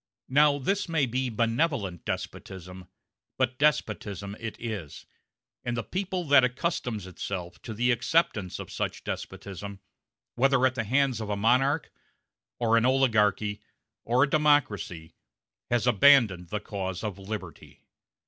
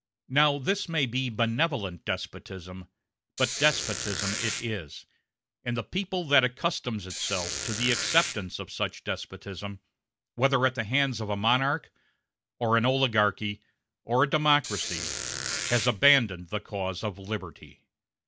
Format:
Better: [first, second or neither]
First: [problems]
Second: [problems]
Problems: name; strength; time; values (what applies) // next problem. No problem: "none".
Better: first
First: none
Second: background sound (Squeak); 4 dB below the speech